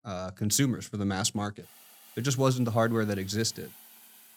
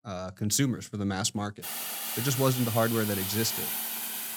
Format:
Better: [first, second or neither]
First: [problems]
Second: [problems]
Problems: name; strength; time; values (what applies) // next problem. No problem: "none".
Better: first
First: hiss; faint; from 1.5 s on; 20 dB below the speech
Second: hiss; loud; from 1.5 s on; 3 dB below the speech